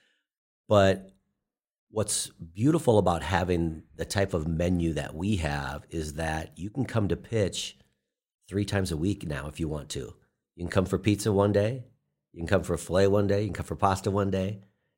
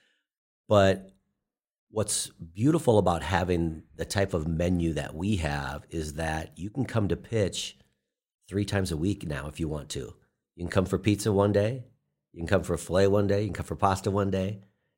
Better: neither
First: none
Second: none

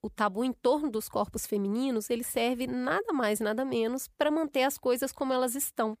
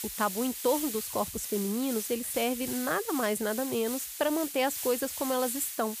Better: first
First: none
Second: hiss; loud; throughout; 5 dB below the speech

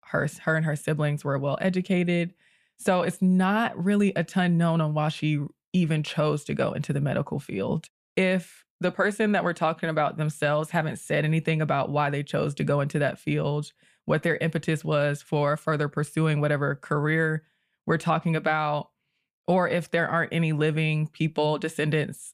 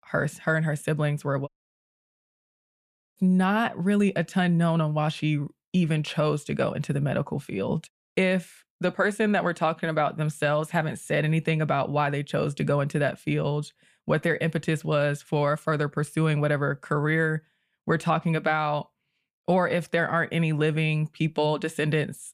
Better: first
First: none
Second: audio cutting out; at 1.5 s for 1.5 s

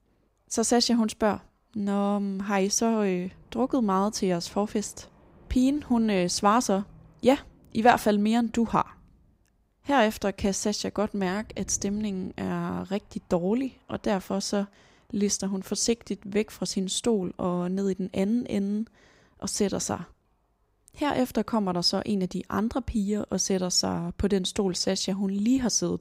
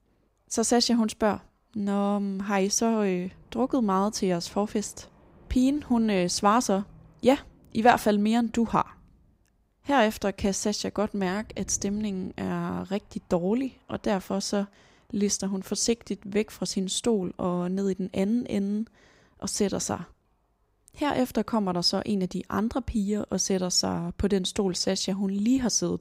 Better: neither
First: rain or running water; faint; throughout; 30 dB below the speech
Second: rain or running water; faint; throughout; 30 dB below the speech

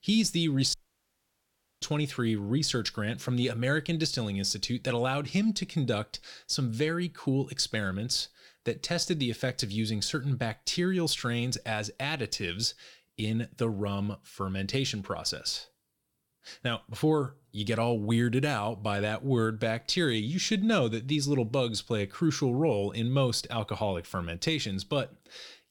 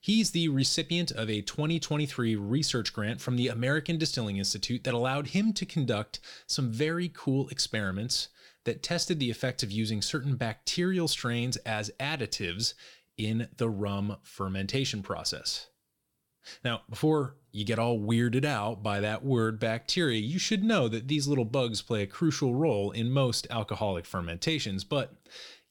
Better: second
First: audio cutting out; at 0.5 s for 1 s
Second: none

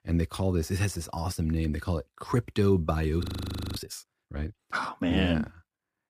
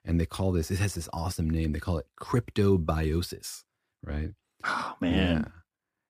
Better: second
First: audio freezing; at 3 s for 0.5 s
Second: none

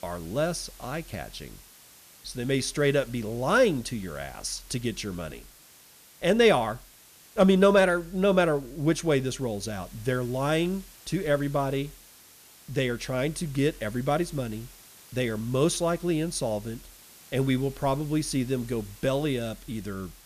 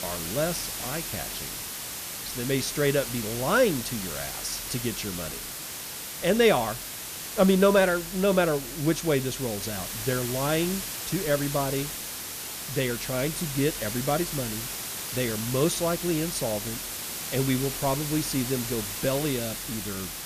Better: first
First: hiss; faint; throughout; 20 dB below the speech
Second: hiss; loud; throughout; 5 dB below the speech

